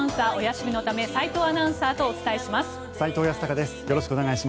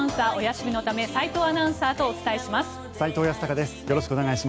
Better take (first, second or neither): second